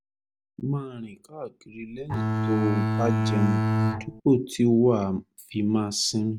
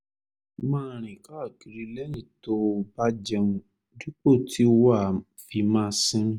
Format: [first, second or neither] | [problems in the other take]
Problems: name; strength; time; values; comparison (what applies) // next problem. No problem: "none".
second | background sound (Bowed string instrument); 2 dB above the speech